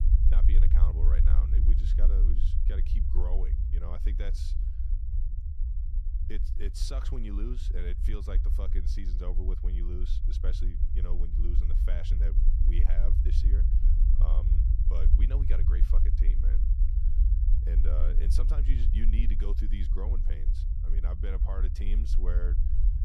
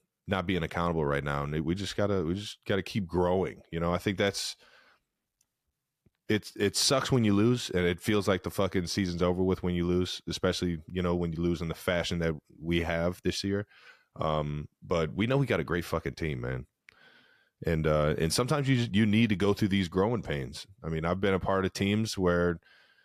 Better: second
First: low rumble; loud; throughout; 3 dB below the speech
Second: none

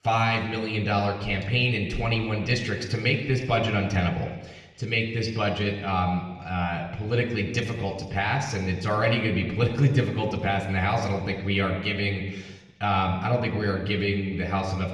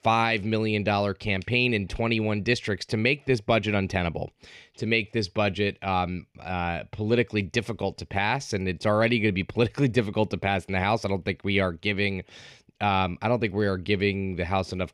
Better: second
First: room echo; slight; dies away in 1.1 s // off-mic speech; somewhat distant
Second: none

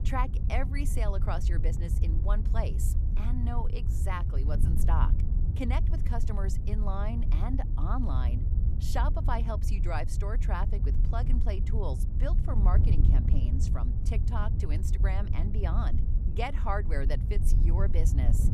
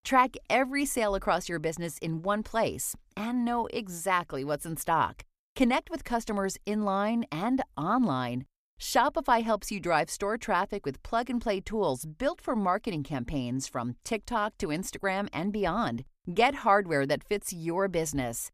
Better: second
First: wind noise on the microphone; heavy; 7 dB below the speech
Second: none

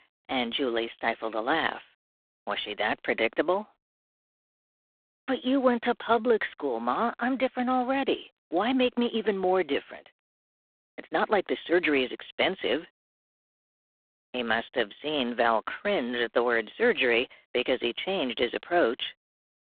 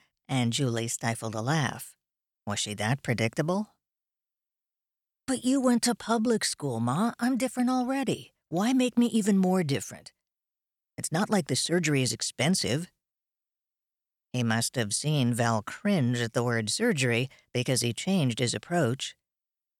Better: second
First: phone-call audio; poor line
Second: none

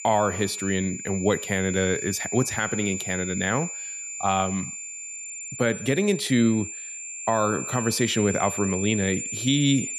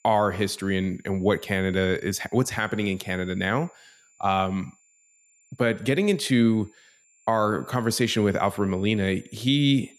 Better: second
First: high-pitched whine; loud; throughout; 7 kHz, 6 dB below the speech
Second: high-pitched whine; faint; throughout; 7 kHz, 30 dB below the speech

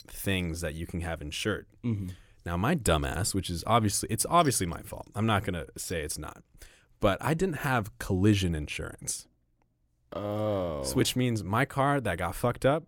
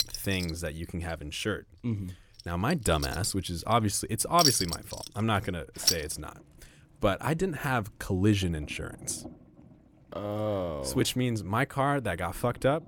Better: first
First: household noises; faint; throughout; 25 dB below the speech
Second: household noises; loud; throughout; 1 dB below the speech

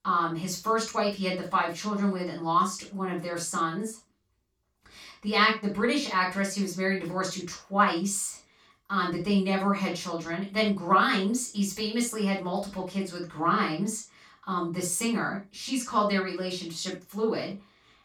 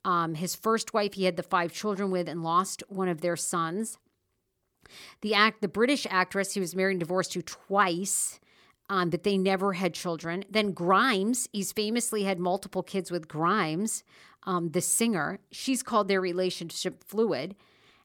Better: second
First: room echo; noticeable; dies away in 0.2 s // off-mic speech; far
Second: none

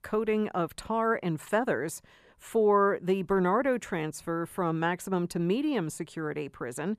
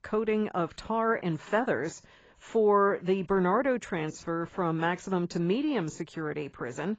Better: first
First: none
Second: garbled, watery; badly; nothing above 7.5 kHz

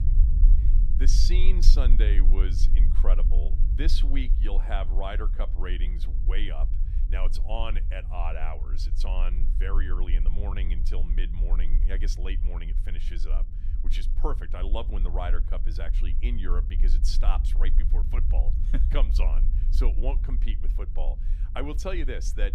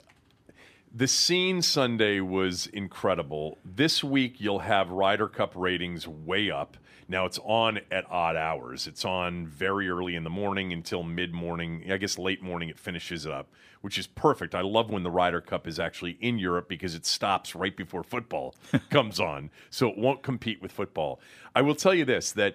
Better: second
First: low rumble; noticeable; throughout; 10 dB below the speech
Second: none

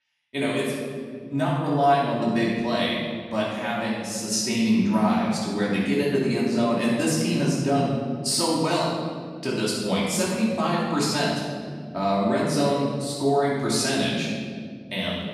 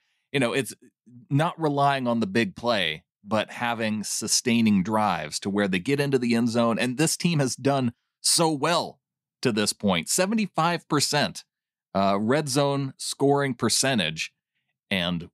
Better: second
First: off-mic speech; far // room echo; strong; dies away in 2 s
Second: none

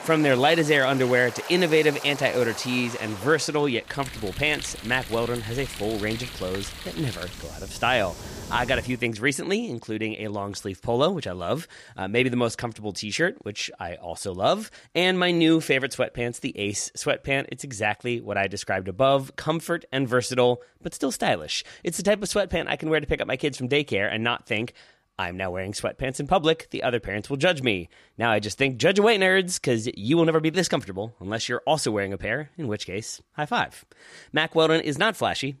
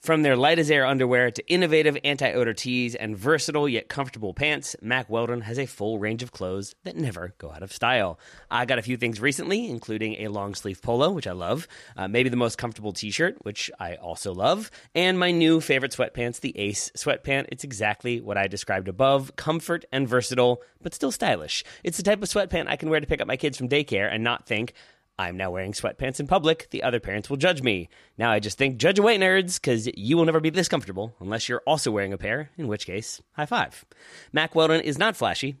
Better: second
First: rain or running water; noticeable; until 9 s; 10 dB below the speech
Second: none

